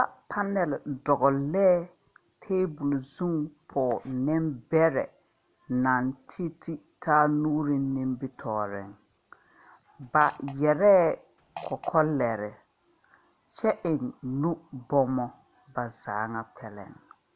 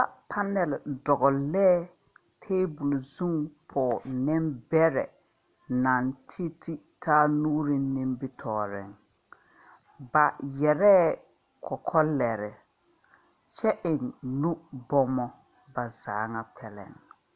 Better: second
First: background sound (Fart); 18 dB below the speech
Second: none

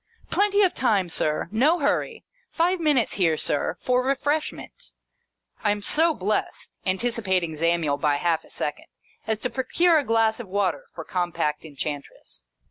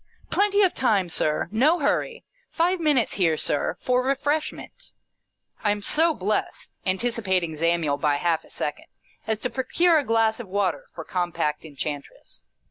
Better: first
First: none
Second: noise reduction (neural mask model Resemble Enhance denoiser)

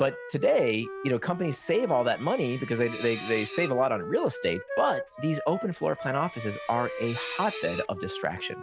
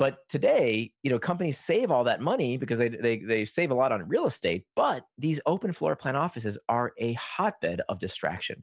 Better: second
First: background sound (Screech + Wind instrument, woodwind instrument); 10 dB below the speech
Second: none

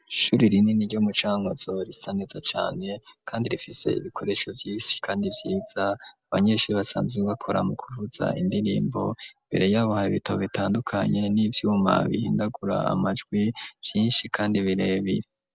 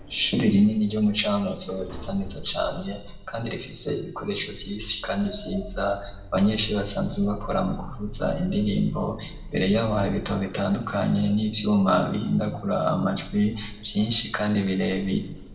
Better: first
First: none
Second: background sound (Sliding door); 14 dB below the speech // room echo; dies away in 0.8 s

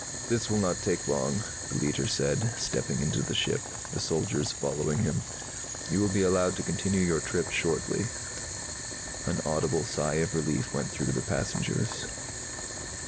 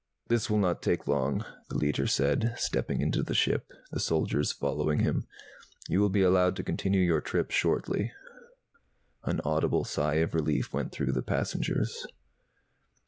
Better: second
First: background sound (Boiling); 6 dB below the speech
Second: none

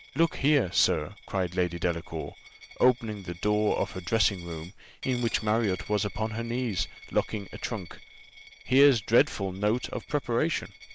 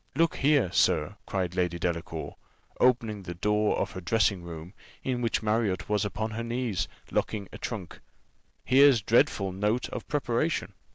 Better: second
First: background sound (Coin (dropping)); 19 dB below the speech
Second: none

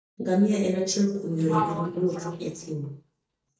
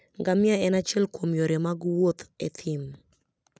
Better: second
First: noise reduction (neural mask model DeepFilterNet 3)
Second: none

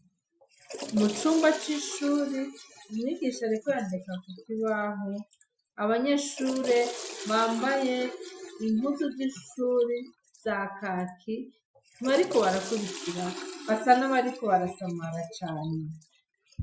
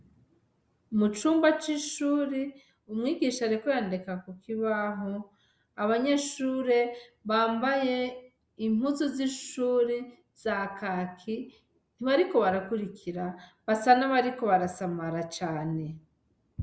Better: second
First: noise reduction (classical method Wiener filter)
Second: none

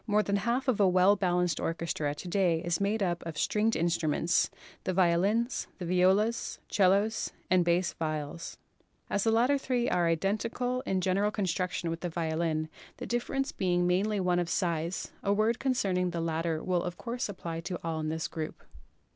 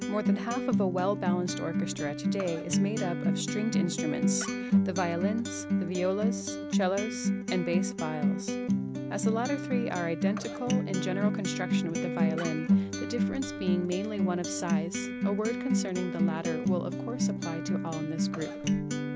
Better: first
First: none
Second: background sound (Acoustic guitar); 3 dB above the speech

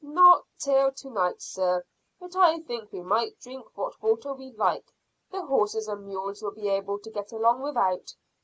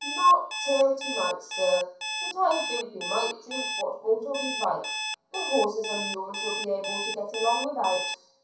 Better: first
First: none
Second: background sound (Alarm); 6 dB below the speech // room echo; dies away in 0.7 s

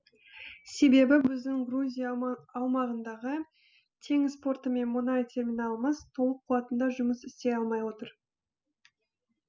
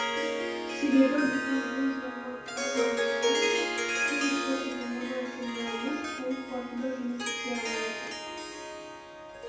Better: first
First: none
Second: background sound (Harp); as loud as the speech // room echo; dies away in 0.9 s

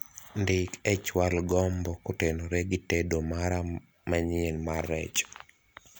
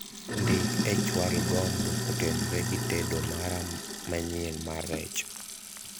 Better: first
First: none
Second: background sound (Sink (filling or washing)); 2 dB above the speech

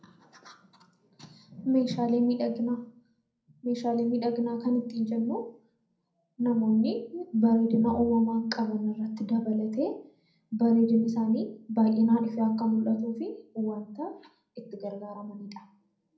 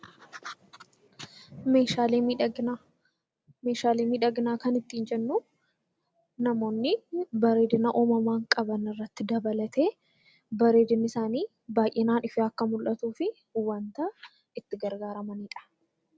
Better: second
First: background sound (Brass instrument); 18 dB below the speech // room echo; dies away in 0.6 s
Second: none

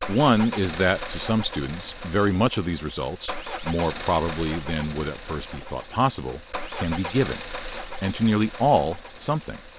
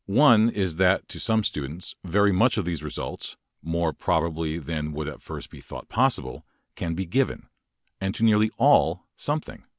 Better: second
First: background sound (Car); 10 dB below the speech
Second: none

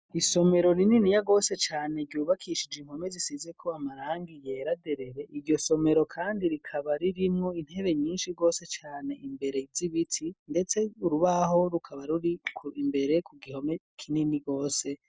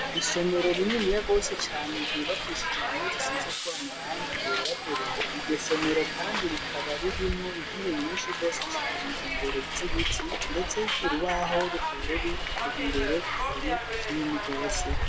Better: first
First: none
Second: background sound (Hiss); 1 dB above the speech // room echo; dies away in 0.6 s

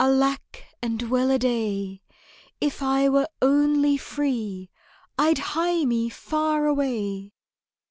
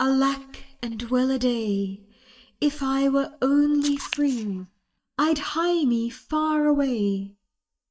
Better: first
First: none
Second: noise reduction (neural mask model DeepFilterNet 3)

